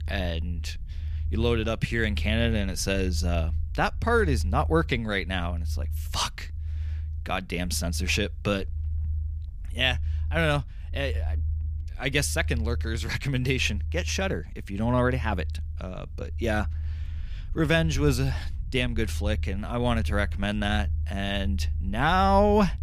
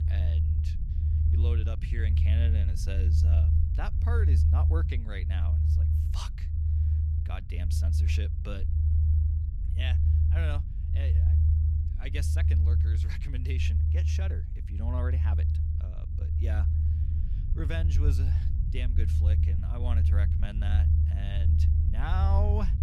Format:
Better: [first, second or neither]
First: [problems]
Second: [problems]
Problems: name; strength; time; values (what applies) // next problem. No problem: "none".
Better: first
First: low rumble; faint; throughout; 25 dB below the speech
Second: low rumble; loud; throughout; 2 dB below the speech